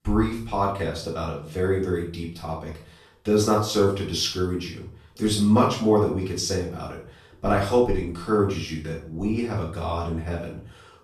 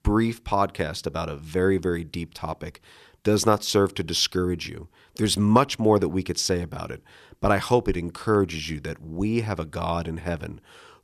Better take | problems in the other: second | off-mic speech; far // room echo; noticeable; dies away in 0.4 s

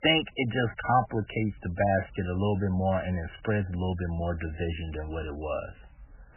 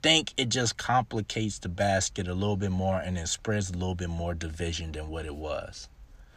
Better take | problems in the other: second | garbled, watery; badly; nothing above 3 kHz

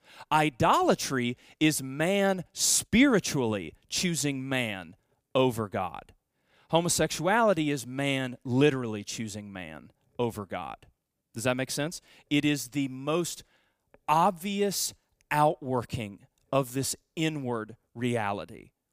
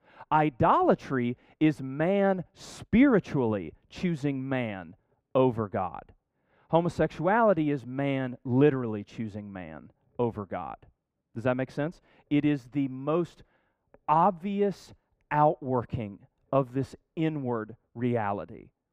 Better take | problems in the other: first | muffled; very; fading above 3.5 kHz

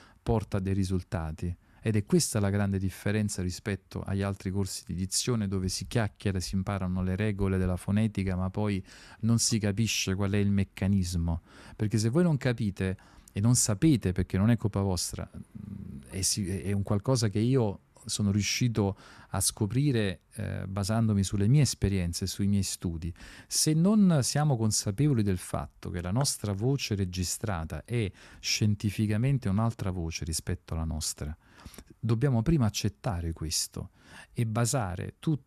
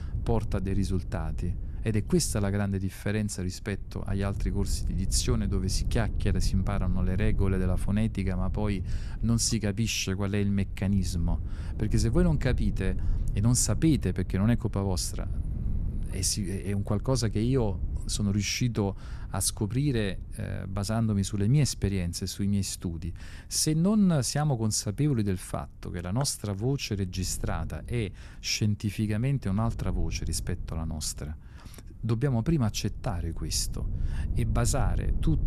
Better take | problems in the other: first | wind noise on the microphone; occasional gusts; 20 dB below the speech

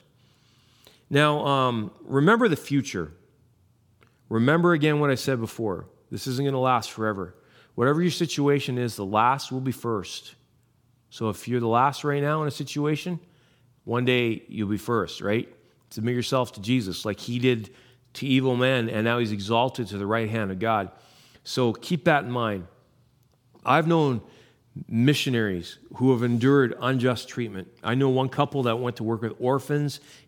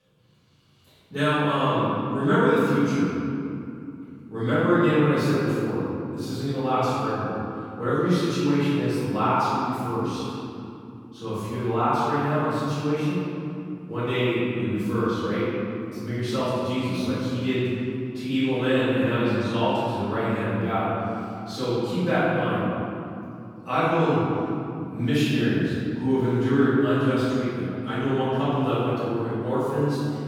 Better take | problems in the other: first | off-mic speech; far // room echo; strong; dies away in 2.7 s

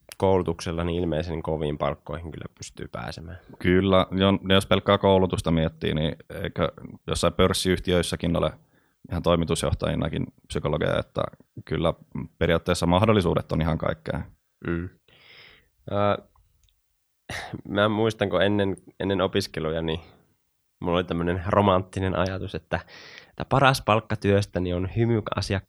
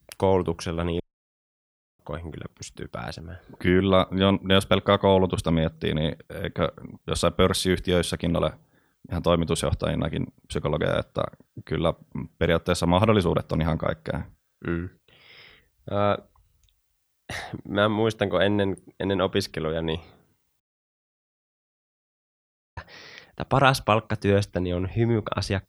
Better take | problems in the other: first | audio cutting out; at 1 s for 1 s and at 21 s for 2 s

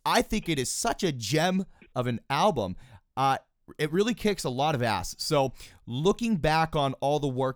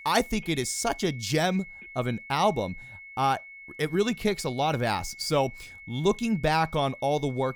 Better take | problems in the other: first | high-pitched whine; noticeable; throughout; 2 kHz, 15 dB below the speech

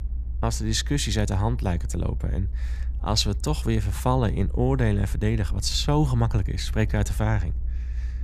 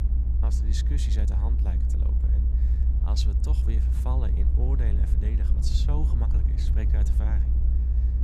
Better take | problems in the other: first | low rumble; loud; throughout; 1 dB below the speech; faint in the first

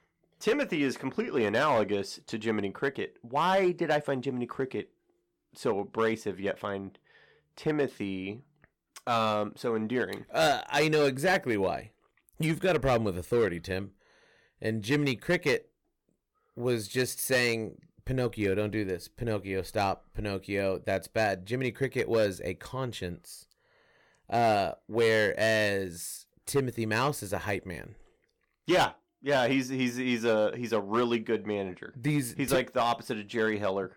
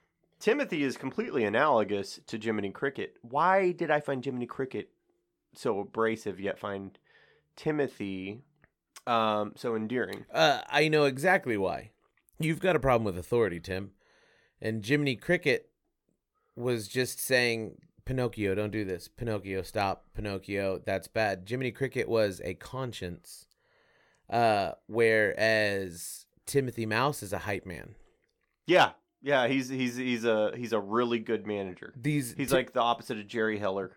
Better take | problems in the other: second | distortion; slight; 3% of the sound clipped

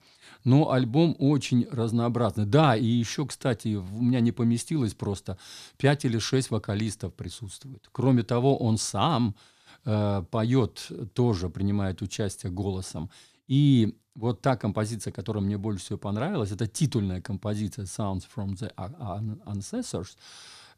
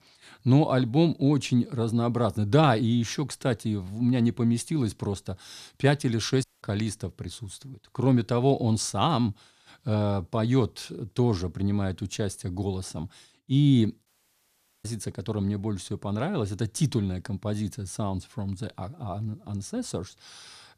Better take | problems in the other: first | audio cutting out; at 6.5 s and at 14 s for 1 s

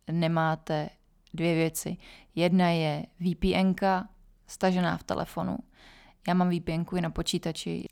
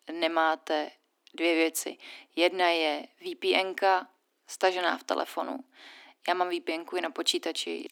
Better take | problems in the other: first | thin; very; fading below 250 Hz

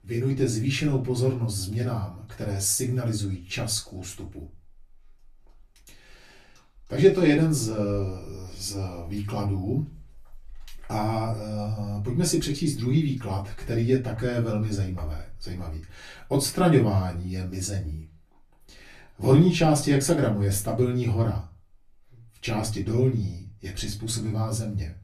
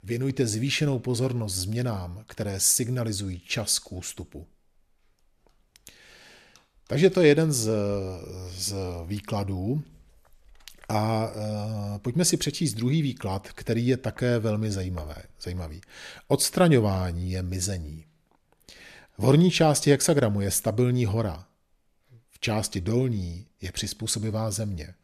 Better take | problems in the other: second | off-mic speech; far // room echo; very slight; dies away in 0.3 s

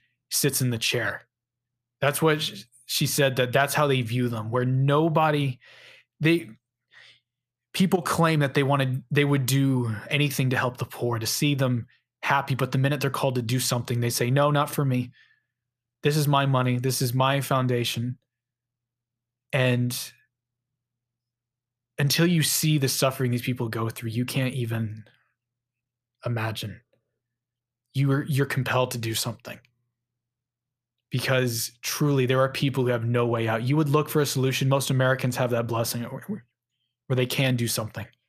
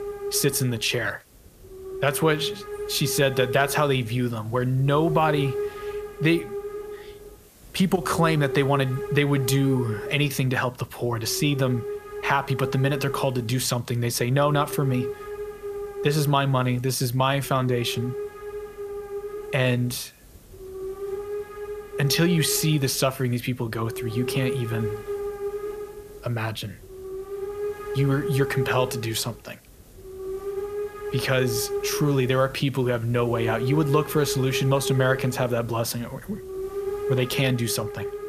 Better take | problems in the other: first | hiss; loud; throughout; 8 dB below the speech

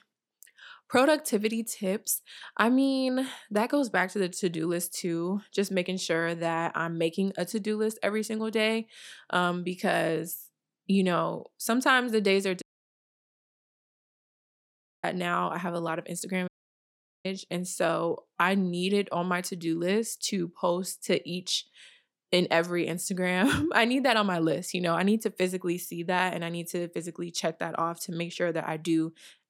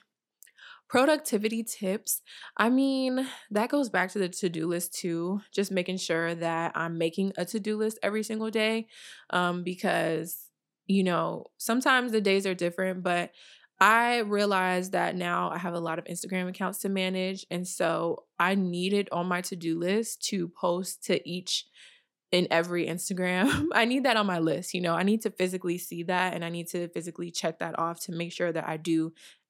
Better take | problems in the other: second | audio cutting out; at 13 s for 2.5 s and at 16 s for 1 s

